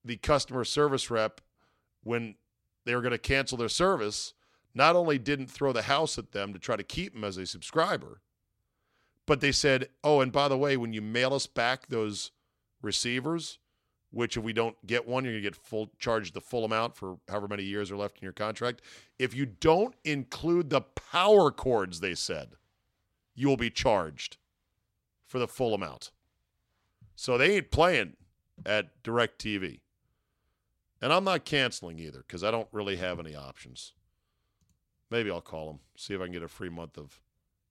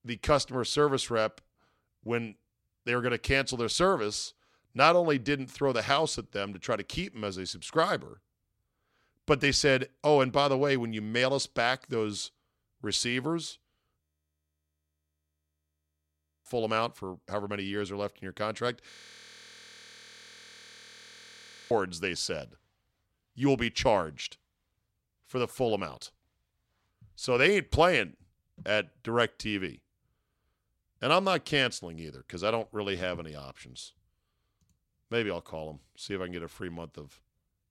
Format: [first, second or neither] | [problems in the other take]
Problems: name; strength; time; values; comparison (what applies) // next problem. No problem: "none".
first | audio freezing; at 14 s for 2.5 s and at 19 s for 3 s